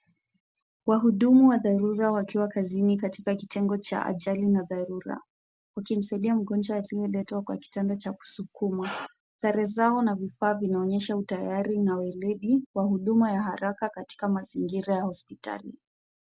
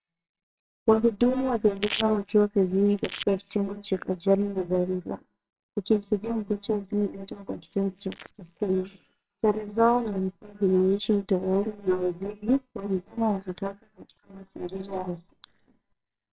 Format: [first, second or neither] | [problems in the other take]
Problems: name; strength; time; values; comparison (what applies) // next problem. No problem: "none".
first | noise reduction (neural separator model SepFormer WHAMR!)